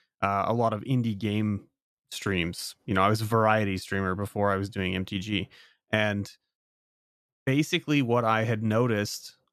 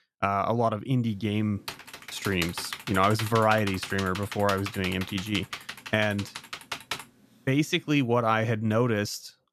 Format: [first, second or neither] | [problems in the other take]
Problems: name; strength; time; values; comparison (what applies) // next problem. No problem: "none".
first | keyboard typing; noticeable; from 1.5 to 7 s; peak 7 dB below the speech